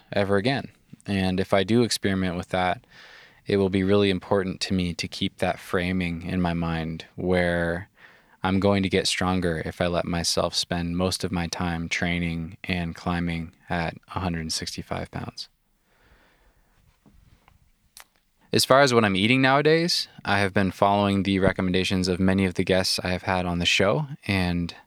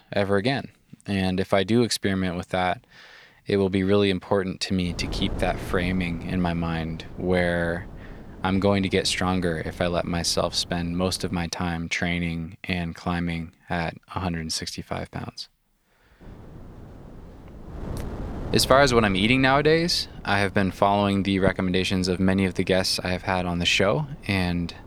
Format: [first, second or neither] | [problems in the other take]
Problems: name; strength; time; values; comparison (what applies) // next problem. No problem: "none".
first | wind noise on the microphone; occasional gusts; from 5 to 11 s and from 16 s on; 20 dB below the speech